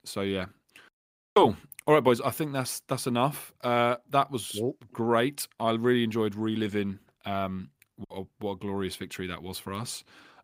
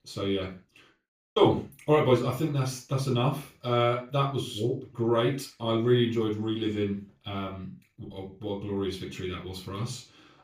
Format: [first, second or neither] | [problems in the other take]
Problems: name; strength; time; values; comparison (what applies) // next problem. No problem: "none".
first | room echo; slight; dies away in 0.3 s // off-mic speech; far